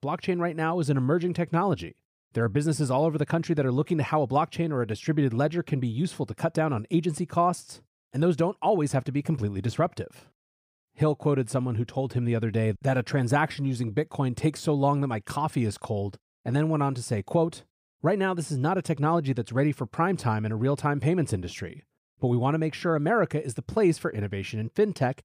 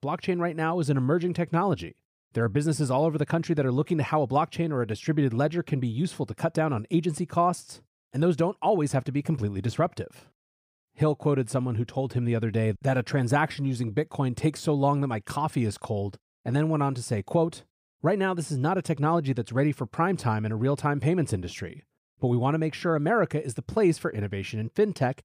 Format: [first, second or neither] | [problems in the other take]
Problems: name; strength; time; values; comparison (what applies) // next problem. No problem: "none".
neither | none